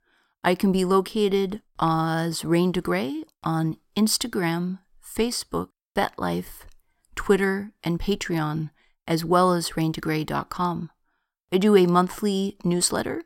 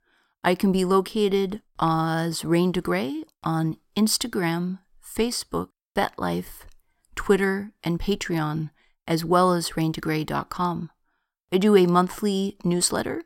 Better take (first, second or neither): neither